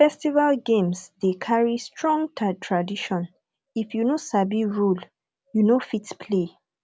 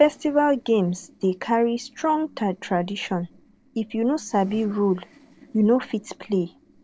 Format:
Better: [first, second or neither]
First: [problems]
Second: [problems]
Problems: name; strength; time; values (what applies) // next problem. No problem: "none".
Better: first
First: none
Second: noise reduction (neural separator model SepFormer DNS4)